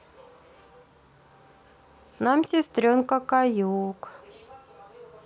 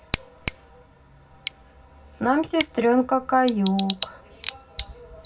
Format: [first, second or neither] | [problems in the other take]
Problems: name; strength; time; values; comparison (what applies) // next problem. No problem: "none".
first | background sound (Tick / Bicycle); 11 dB below the speech // room echo; dies away in 0.4 s